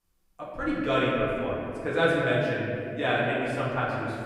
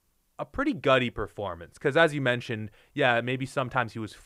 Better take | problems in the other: second | room echo; noticeable; dies away in 2.4 s // off-mic speech; far

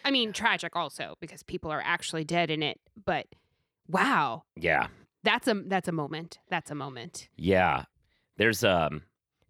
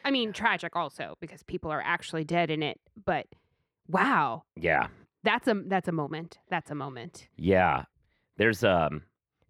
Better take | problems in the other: first | muffled; slightly; fading above 3 kHz

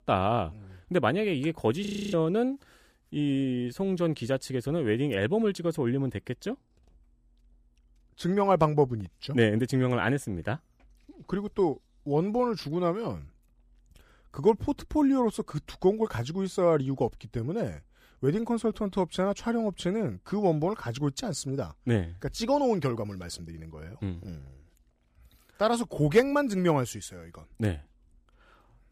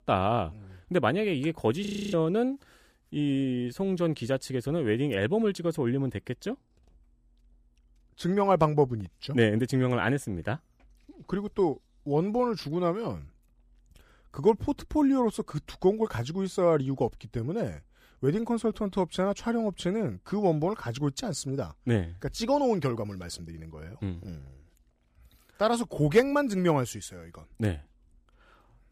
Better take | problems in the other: neither | audio freezing; at 2 s; the same in both

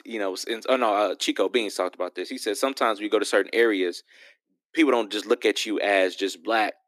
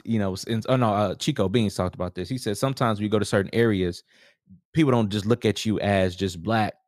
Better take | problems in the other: second | thin; somewhat; fading below 300 Hz

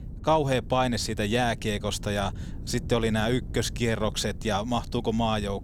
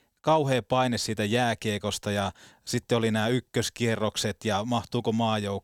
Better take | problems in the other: second | wind noise on the microphone; occasional gusts; 25 dB below the speech

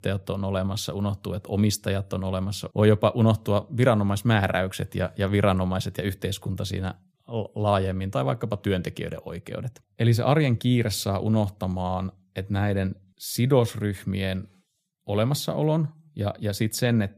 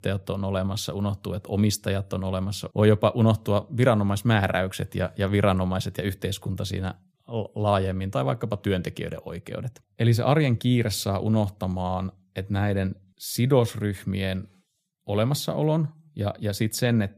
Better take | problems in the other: neither | none

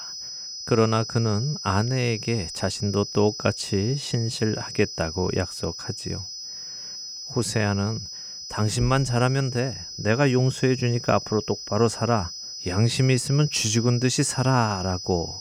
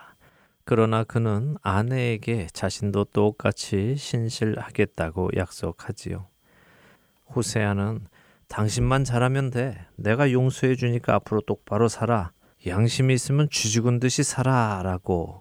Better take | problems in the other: second | high-pitched whine; loud; throughout; 5 kHz, 9 dB below the speech

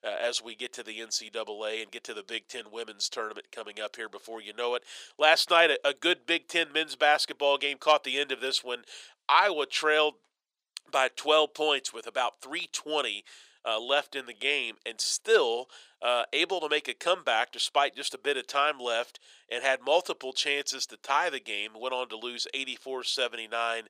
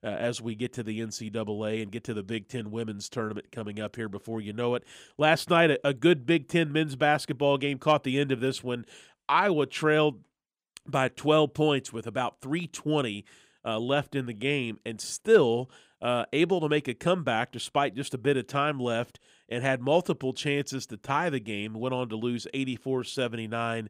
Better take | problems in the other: second | thin; very; fading below 500 Hz

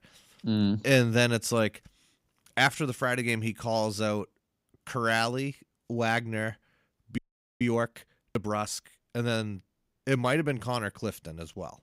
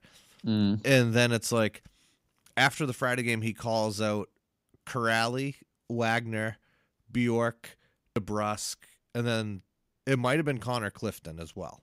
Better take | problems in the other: second | audio freezing; at 7 s

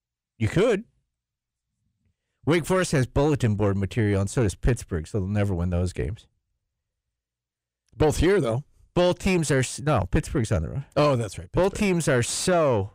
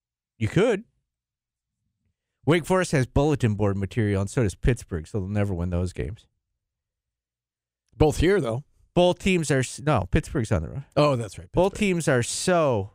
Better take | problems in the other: second | distortion; slight; 10 dB below the speech

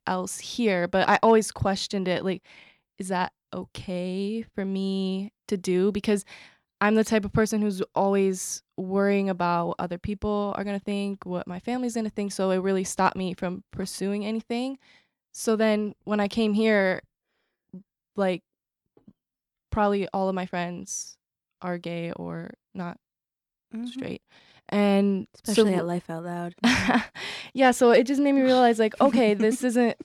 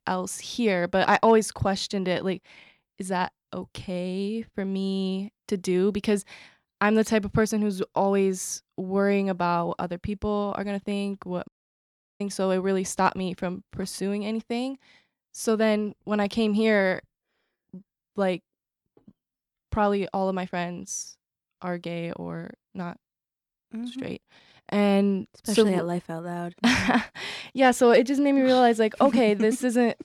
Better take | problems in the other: first | audio cutting out; at 11 s for 0.5 s

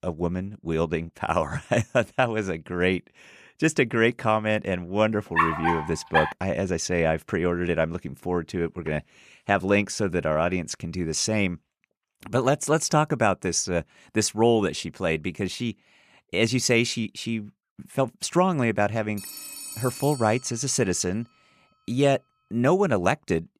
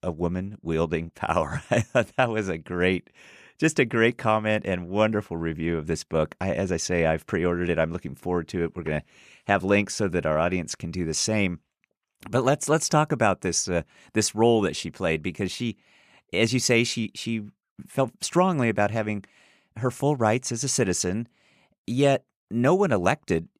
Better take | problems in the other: second | dog barking; loud; at 5.5 s; peak 2 dB above the speech // phone ringing; noticeable; from 19 to 21 s; peak 10 dB below the speech

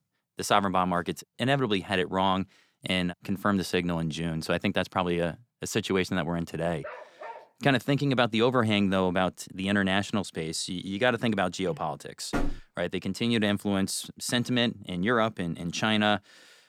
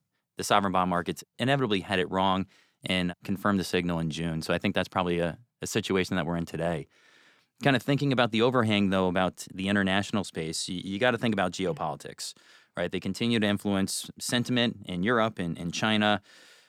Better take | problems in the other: second | dog barking; faint; at 7 s; peak 15 dB below the speech // door banging; noticeable; at 12 s; peak 5 dB below the speech

